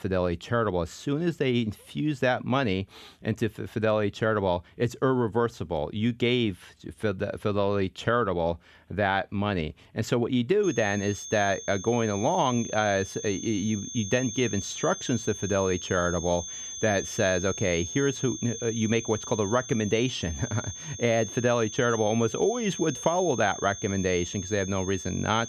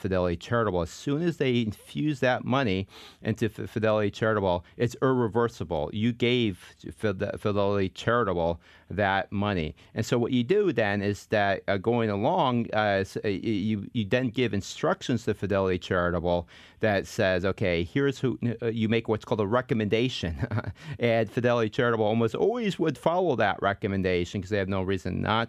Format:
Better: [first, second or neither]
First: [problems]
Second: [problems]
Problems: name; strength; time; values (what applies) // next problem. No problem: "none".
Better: second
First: high-pitched whine; loud; from 11 s on; 6.5 kHz, 9 dB below the speech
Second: none